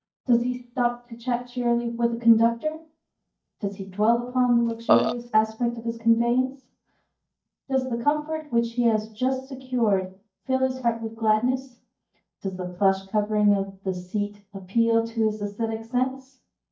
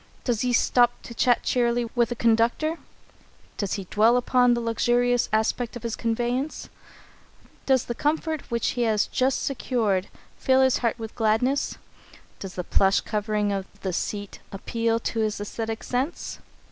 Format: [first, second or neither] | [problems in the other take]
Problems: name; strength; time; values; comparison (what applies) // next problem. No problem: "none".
second | noise reduction (neural mask model DeepFilterNet 3)